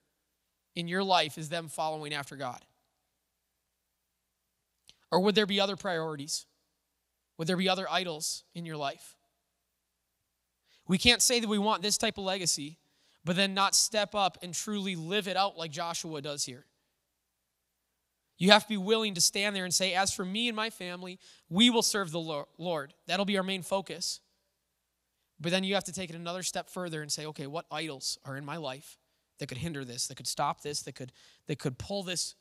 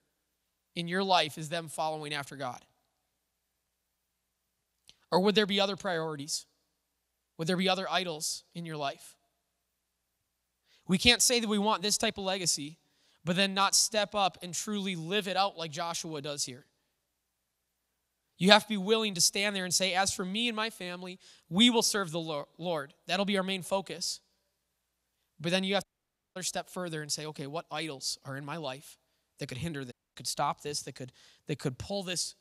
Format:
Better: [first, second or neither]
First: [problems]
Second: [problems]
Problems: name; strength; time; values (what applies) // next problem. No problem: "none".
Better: first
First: none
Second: audio cutting out; at 26 s for 0.5 s and at 30 s